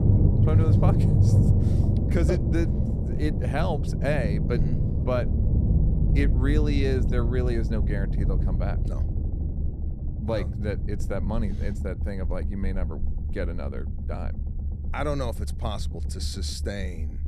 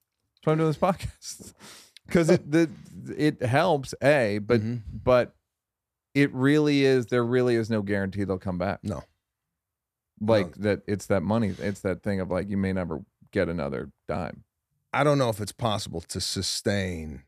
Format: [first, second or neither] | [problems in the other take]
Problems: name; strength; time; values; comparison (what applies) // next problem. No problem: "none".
second | low rumble; loud; throughout; 4 dB below the speech